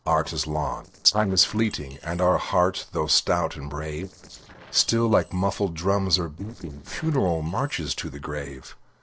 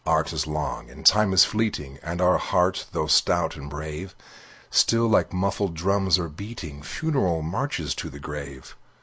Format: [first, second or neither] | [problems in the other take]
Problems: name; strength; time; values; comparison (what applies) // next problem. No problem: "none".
second | noise reduction (neural separator model SepFormer DNS4)